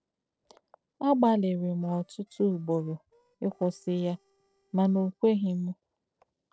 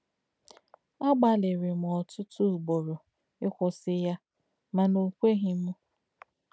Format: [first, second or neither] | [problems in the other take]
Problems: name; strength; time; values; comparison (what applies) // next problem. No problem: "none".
second | noise reduction (neural separator model SepFormer DNS4)